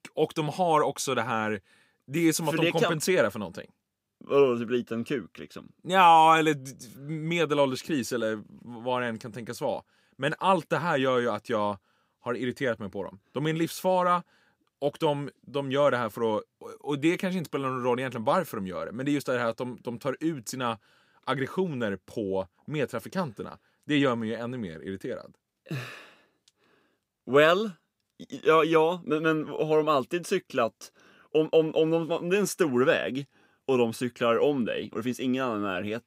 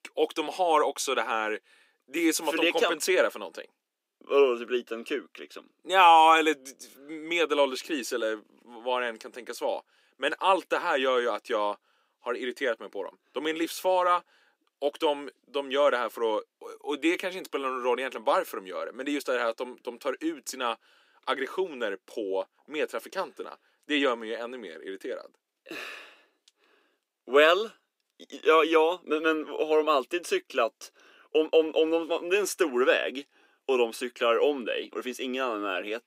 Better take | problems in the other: first | thin; somewhat; fading below 300 Hz

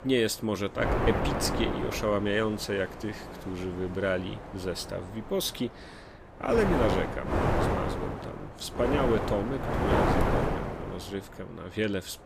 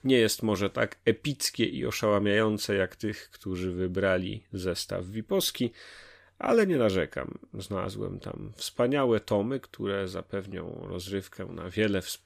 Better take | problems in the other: second | wind noise on the microphone; heavy; as loud as the speech

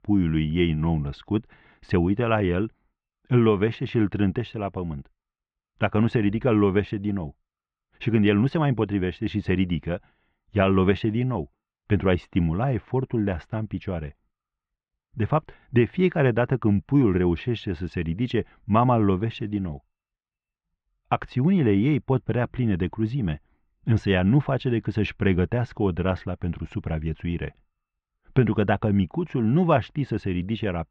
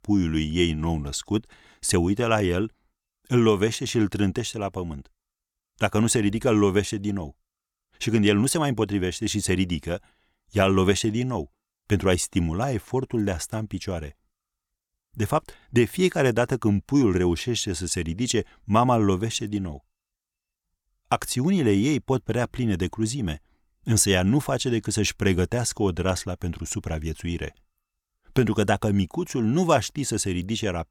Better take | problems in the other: second | muffled; very; fading above 3 kHz

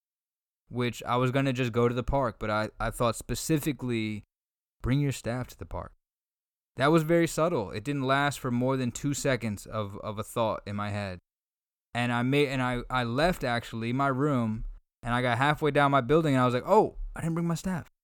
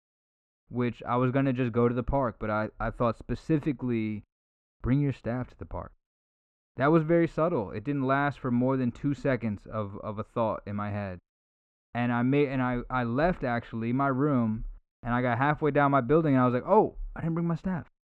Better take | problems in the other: first | muffled; very; fading above 2 kHz

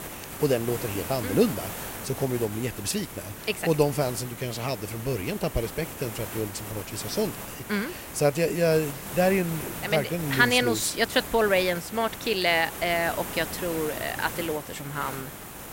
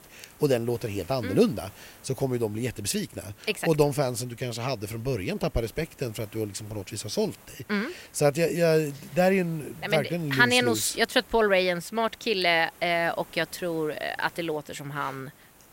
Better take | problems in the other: second | hiss; loud; throughout; 9 dB below the speech; faint in the second

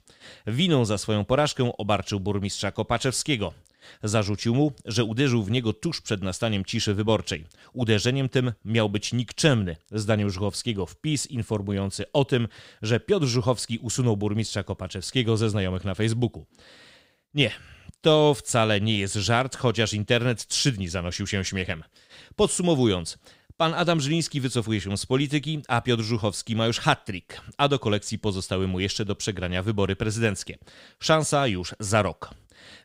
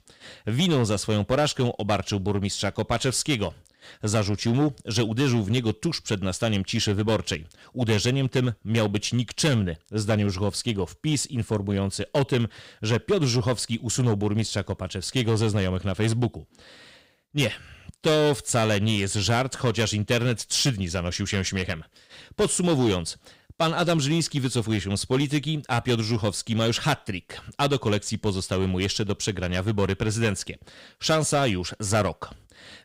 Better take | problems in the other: first | distortion; slight; 5% of the sound clipped

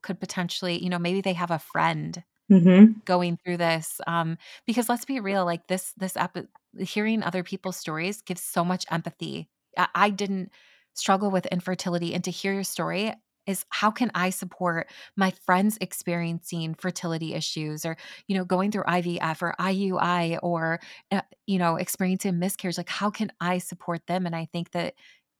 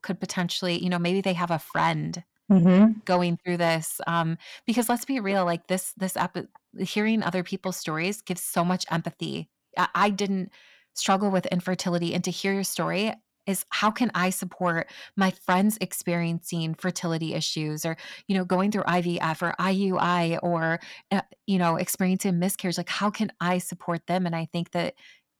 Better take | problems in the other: first | distortion; slight; 10 dB below the speech

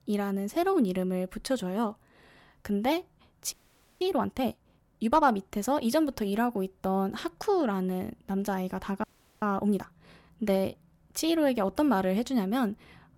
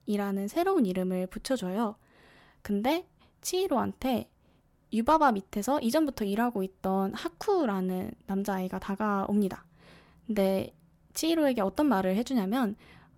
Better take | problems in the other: second | audio freezing; at 3.5 s and at 9 s

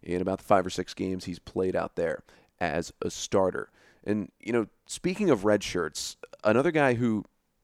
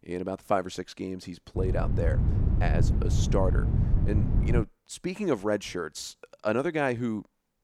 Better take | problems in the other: first | wind noise on the microphone; heavy; from 1.5 to 4.5 s; 7 dB below the speech

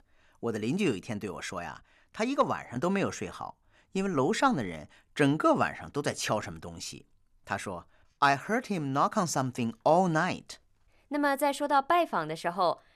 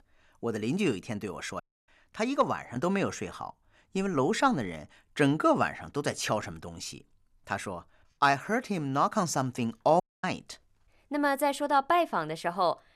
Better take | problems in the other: first | audio cutting out; at 1.5 s and at 10 s

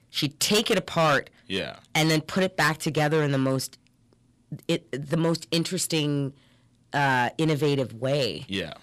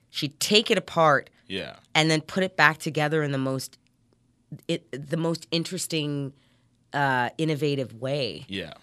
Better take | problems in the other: second | distortion; heavy; 6% of the sound clipped

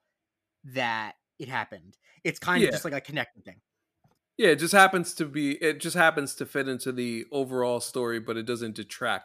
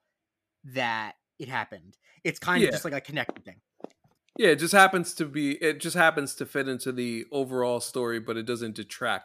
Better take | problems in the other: first | footsteps; faint; from 3.5 to 4.5 s; peak 15 dB below the speech

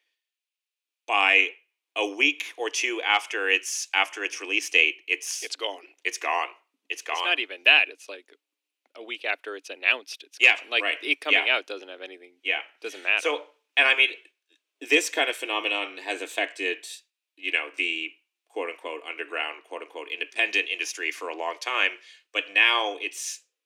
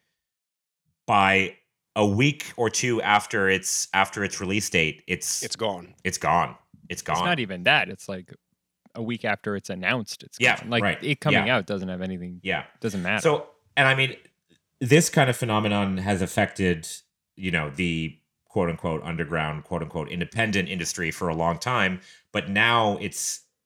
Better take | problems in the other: second | thin; somewhat; fading below 300 Hz

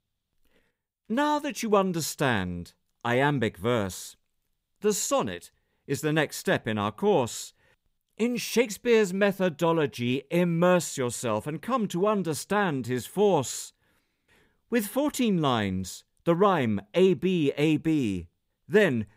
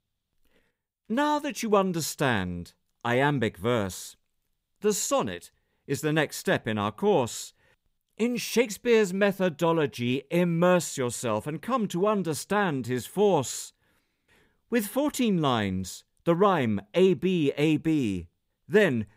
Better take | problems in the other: neither | none

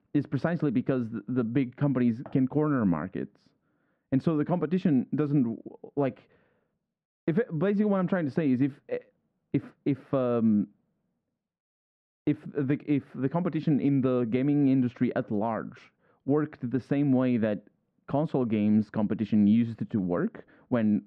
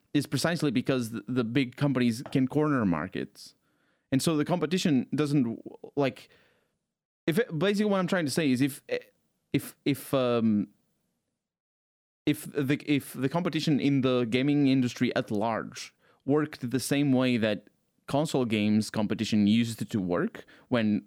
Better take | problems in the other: second | muffled; very; fading above 1.5 kHz

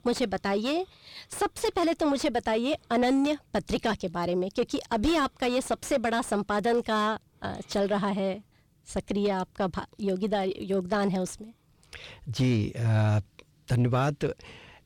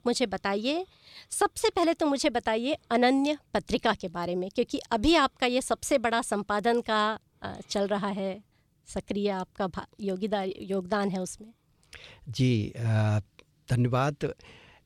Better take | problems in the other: second | distortion; slight; 10 dB below the speech

